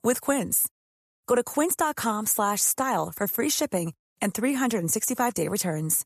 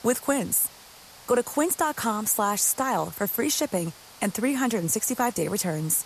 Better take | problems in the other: first | hiss; faint; throughout; 20 dB below the speech

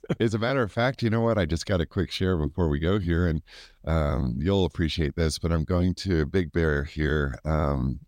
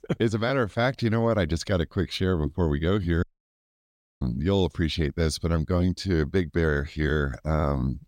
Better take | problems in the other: first | audio cutting out; at 3 s for 1 s

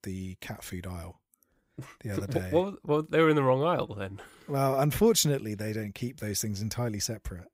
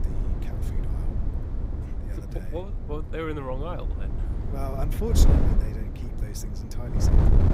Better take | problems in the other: first | wind noise on the microphone; heavy; 3 dB below the speech

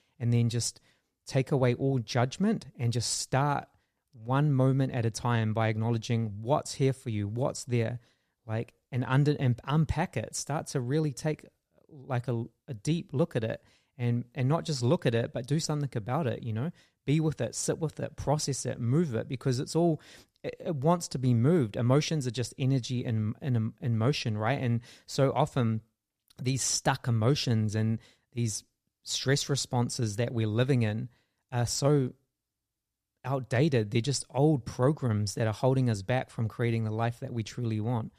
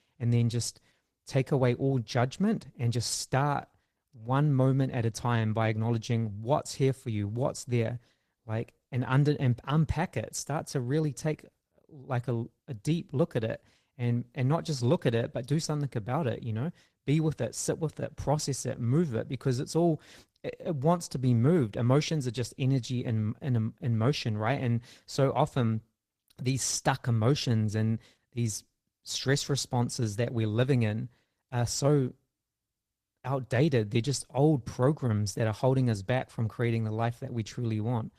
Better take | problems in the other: first | garbled, watery; slightly; nothing above 14.5 kHz

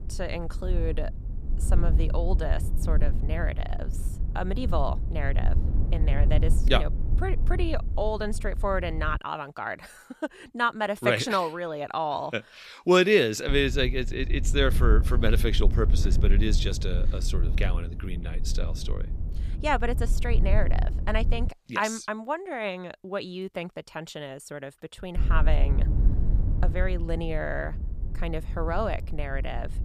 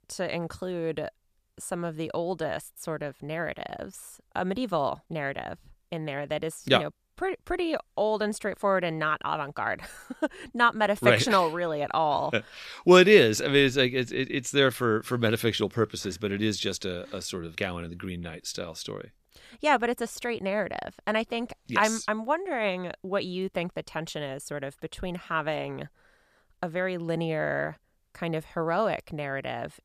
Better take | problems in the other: second | low rumble; noticeable; until 9 s, from 13 to 21 s and from 25 s on; 15 dB below the speech

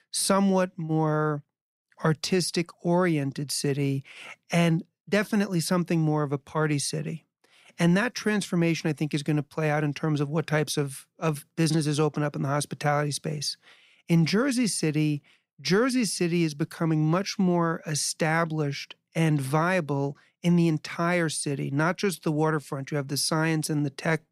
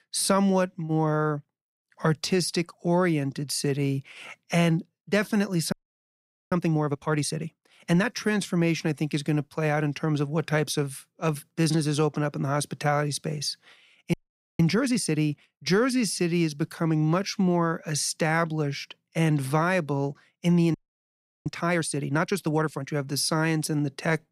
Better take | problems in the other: first | audio freezing; at 5.5 s for 1 s, at 14 s and at 21 s for 0.5 s

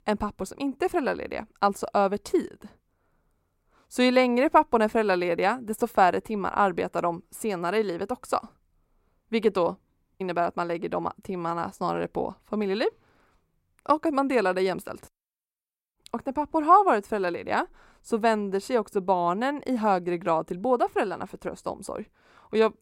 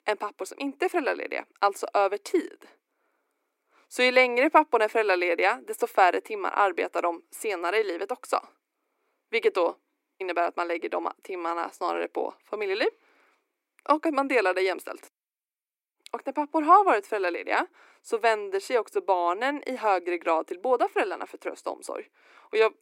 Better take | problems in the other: first | thin; somewhat; fading below 300 Hz

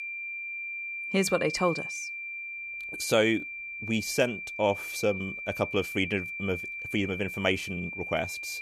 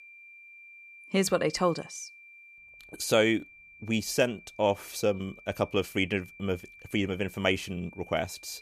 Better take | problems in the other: second | high-pitched whine; loud; throughout; 2.5 kHz, 5 dB below the speech; faint in the second

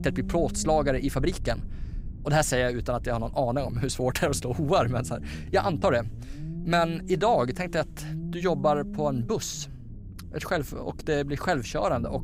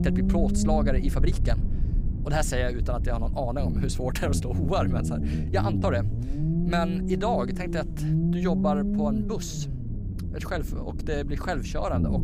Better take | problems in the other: first | low rumble; loud; throughout; 7 dB below the speech; faint in the first

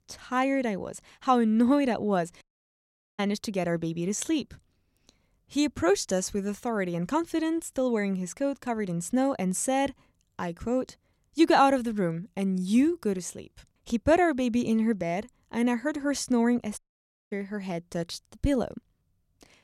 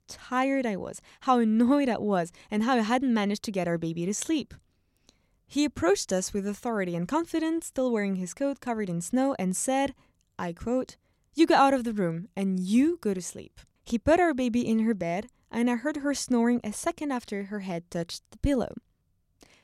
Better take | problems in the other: second | audio cutting out; at 2.5 s for 1 s and at 17 s for 0.5 s

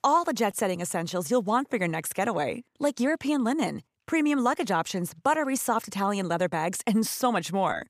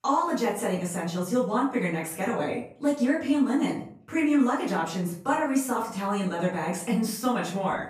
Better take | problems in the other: first | off-mic speech; far // room echo; noticeable; dies away in 0.4 s

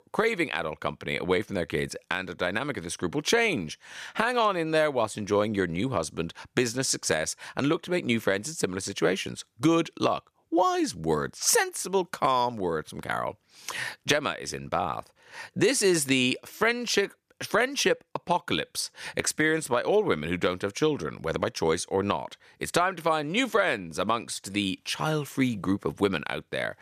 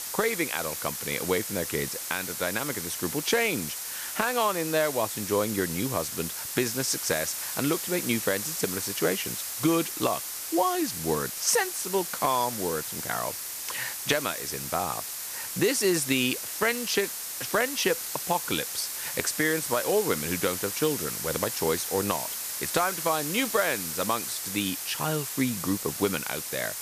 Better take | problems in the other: first | hiss; loud; throughout; 3 dB below the speech

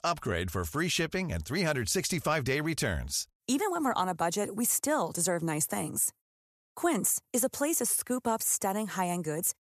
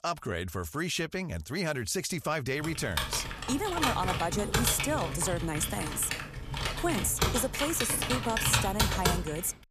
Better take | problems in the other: first | keyboard typing; loud; from 2.5 s on; peak 5 dB above the speech

